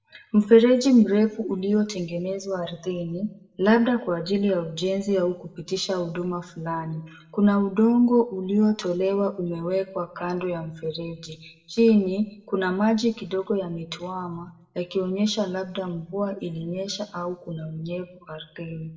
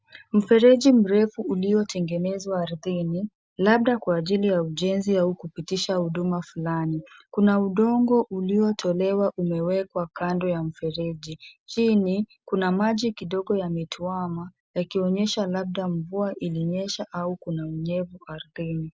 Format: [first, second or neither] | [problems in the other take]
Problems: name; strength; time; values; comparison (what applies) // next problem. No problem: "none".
second | room echo; dies away in 0.6 s